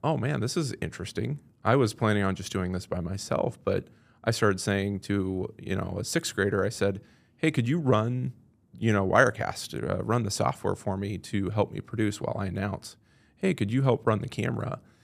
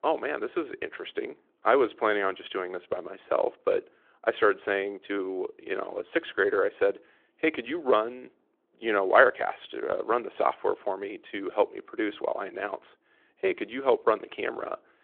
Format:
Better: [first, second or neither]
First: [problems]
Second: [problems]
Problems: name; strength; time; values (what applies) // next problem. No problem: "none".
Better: first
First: none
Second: phone-call audio